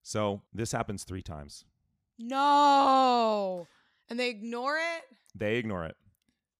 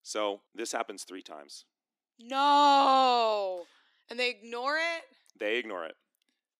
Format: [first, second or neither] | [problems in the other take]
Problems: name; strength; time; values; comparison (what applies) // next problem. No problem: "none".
first | thin; very slightly; fading below 300 Hz